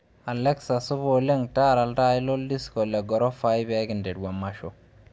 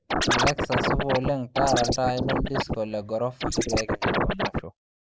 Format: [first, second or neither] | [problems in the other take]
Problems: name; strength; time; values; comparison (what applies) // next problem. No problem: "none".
first | noise reduction (neural mask model Resemble Enhance denoiser)